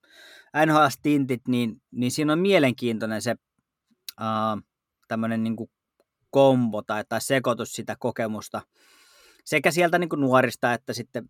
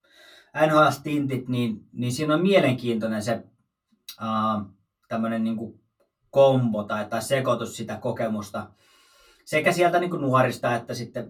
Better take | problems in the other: first | off-mic speech; far // room echo; very slight; dies away in 0.2 s

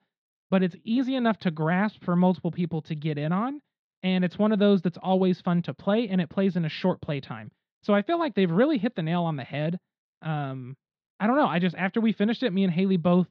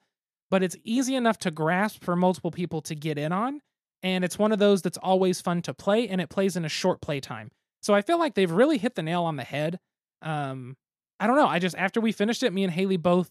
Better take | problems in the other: second | muffled; slightly; fading above 4 kHz

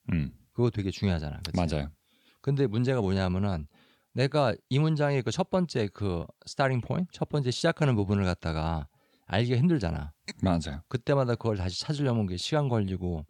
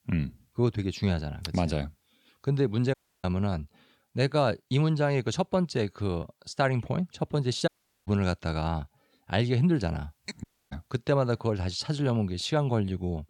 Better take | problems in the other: first | audio cutting out; at 3 s, at 7.5 s and at 10 s

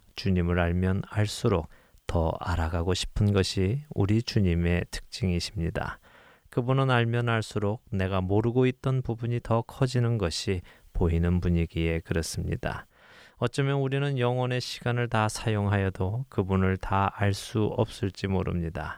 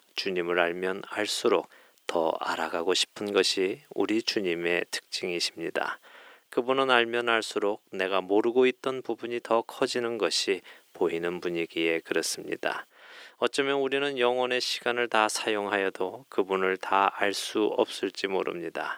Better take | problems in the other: first | thin; very; fading below 300 Hz

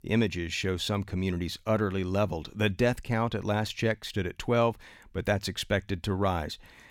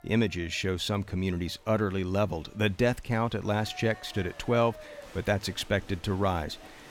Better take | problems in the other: first | crowd noise; faint; throughout; 20 dB below the speech

